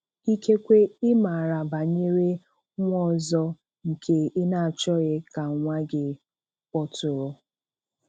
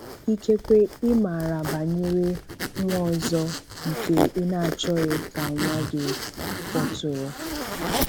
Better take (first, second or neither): first